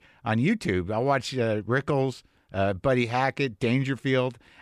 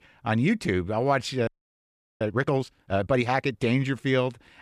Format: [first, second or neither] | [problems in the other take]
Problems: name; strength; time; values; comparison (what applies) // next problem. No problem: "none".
first | audio freezing; at 1.5 s for 0.5 s